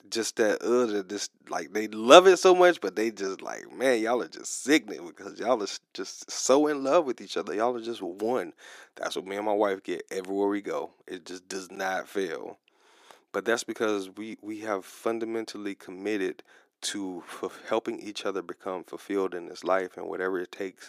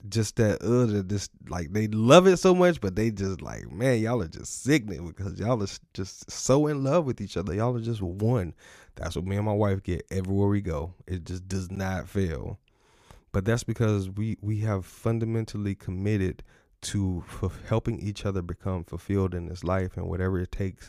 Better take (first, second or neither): second